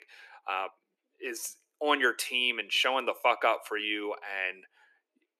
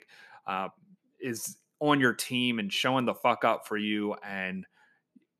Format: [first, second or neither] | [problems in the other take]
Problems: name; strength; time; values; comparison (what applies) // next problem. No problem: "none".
second | thin; somewhat; fading below 350 Hz